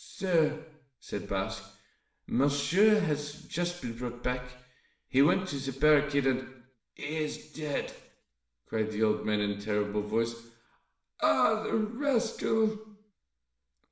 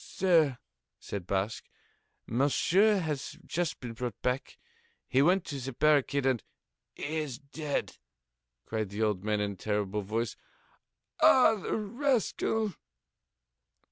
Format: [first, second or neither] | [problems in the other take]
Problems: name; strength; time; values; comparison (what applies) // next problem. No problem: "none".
second | room echo; dies away in 0.7 s